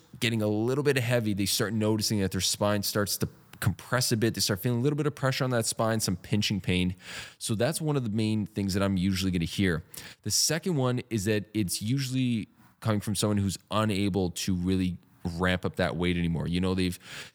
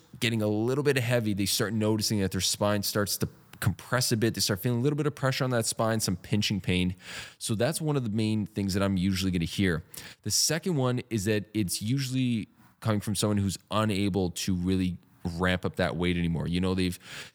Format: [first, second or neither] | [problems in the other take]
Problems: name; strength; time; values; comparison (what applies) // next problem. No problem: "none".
neither | none